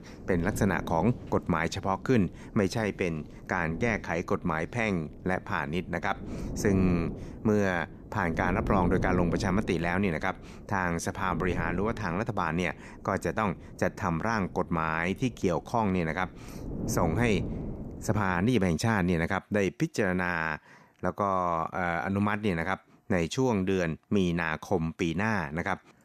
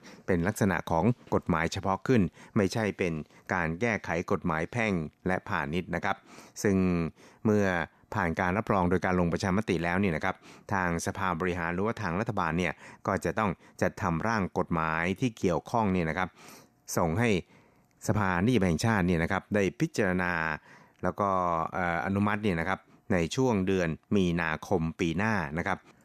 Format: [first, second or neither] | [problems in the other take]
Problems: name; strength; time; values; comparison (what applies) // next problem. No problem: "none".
second | wind noise on the microphone; occasional gusts; until 18 s; 15 dB below the speech